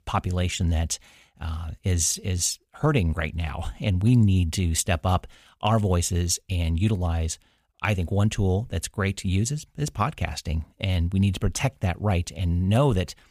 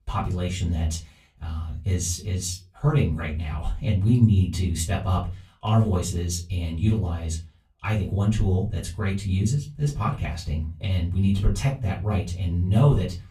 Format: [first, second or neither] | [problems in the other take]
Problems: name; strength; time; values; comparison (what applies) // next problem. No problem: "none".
first | off-mic speech; far // room echo; very slight; dies away in 0.3 s